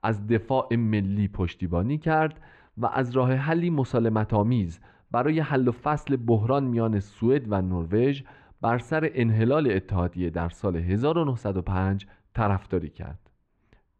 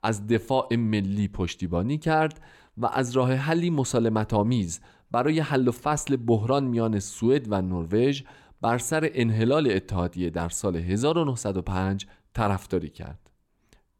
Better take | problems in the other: second | muffled; very; fading above 2 kHz

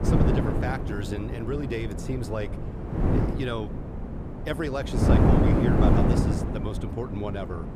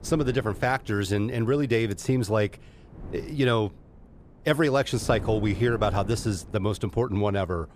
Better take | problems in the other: second | wind noise on the microphone; heavy; 2 dB above the speech; occasional gusts in the second

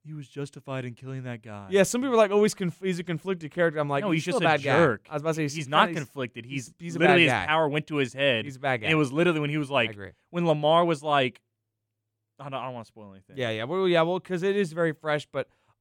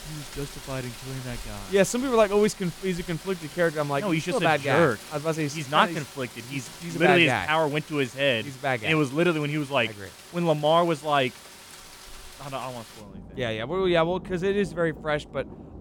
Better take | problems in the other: first | rain or running water; noticeable; throughout; 15 dB below the speech

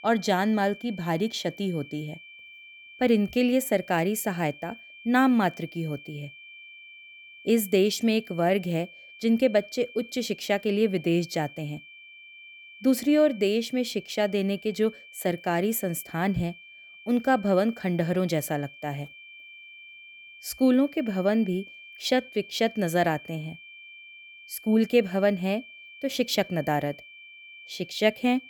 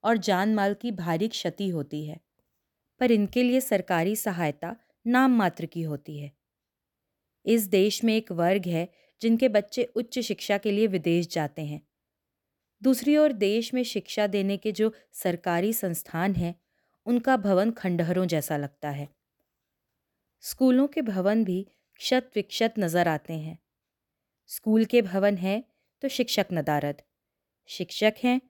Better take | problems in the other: second | high-pitched whine; noticeable; throughout; 2.5 kHz, 20 dB below the speech

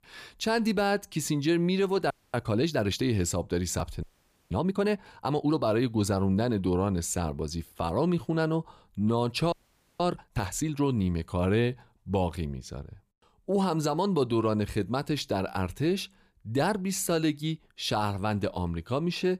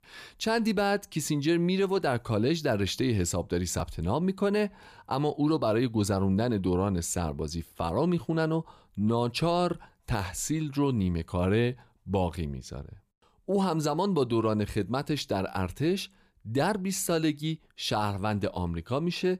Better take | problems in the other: second | audio freezing; at 2 s, at 4 s and at 9.5 s

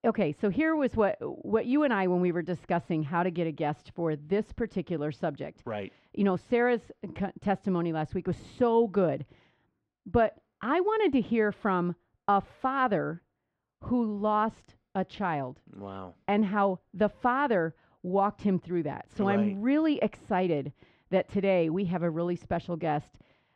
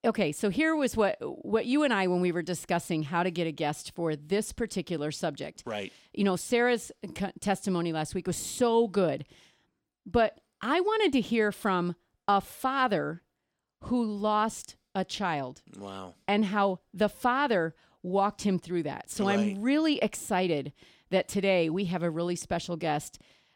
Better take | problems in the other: second | muffled; very; fading above 2 kHz

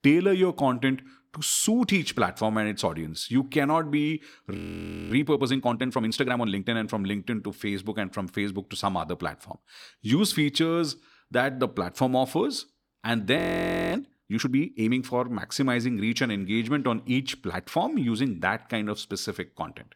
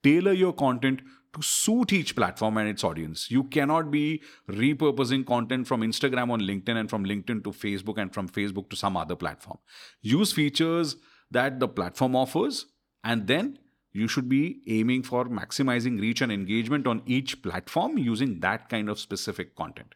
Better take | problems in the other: second | audio freezing; at 4.5 s for 0.5 s and at 13 s for 0.5 s

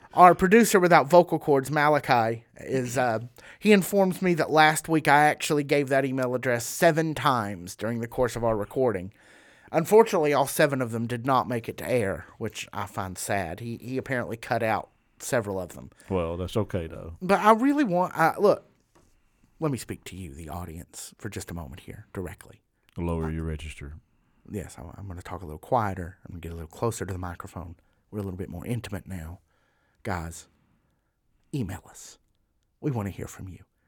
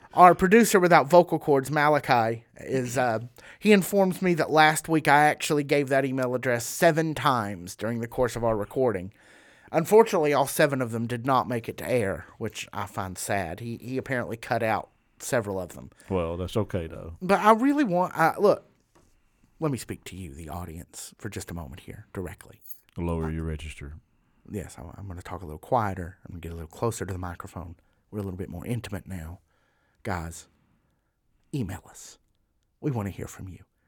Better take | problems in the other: first | jangling keys; faint; at 23 s; peak 15 dB below the speech

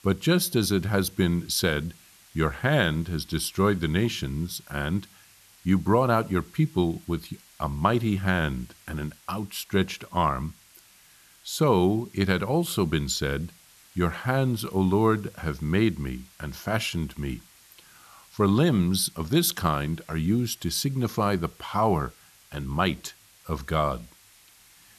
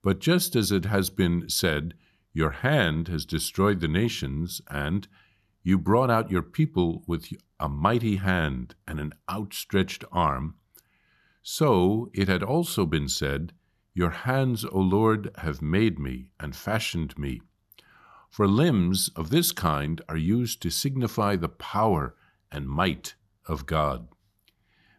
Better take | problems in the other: second | hiss; faint; throughout; 25 dB below the speech

